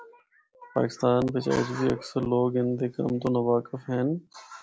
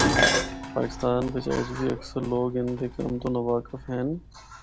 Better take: first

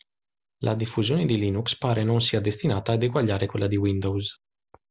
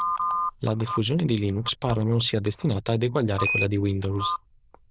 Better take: first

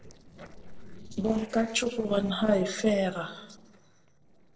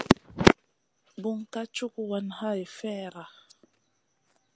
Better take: second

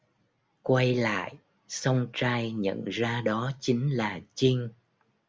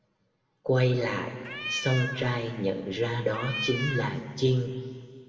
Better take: first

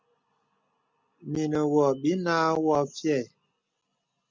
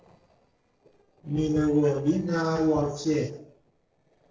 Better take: first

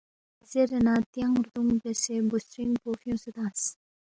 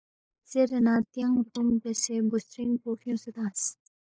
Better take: first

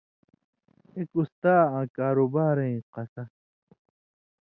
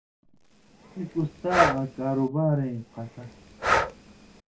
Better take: first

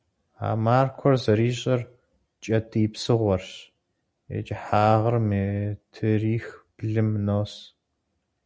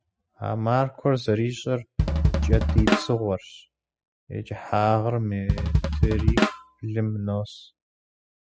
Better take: first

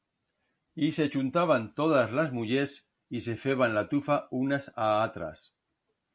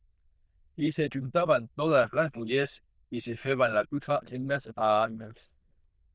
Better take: first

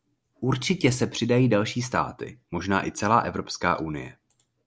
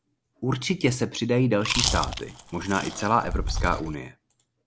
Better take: first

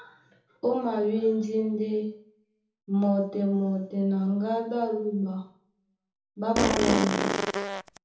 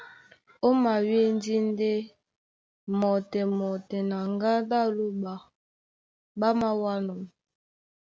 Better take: second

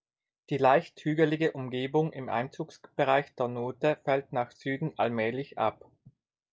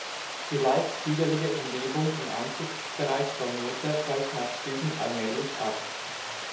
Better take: first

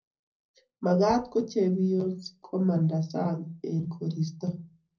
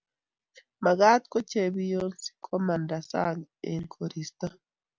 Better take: second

